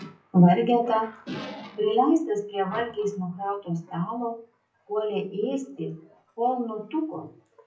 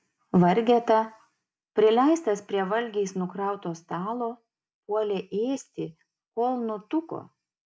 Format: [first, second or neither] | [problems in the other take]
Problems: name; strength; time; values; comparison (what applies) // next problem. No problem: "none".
second | noise reduction (classical method WPE with log-MMSE)